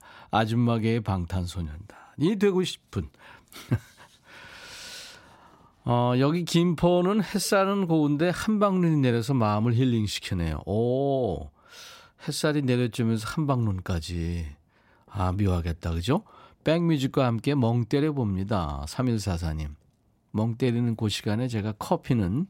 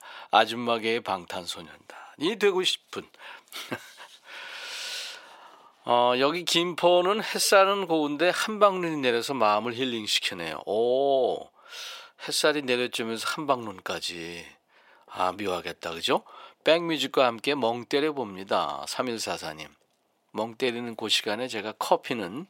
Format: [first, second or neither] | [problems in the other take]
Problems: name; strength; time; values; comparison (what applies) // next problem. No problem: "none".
first | thin; very; fading below 550 Hz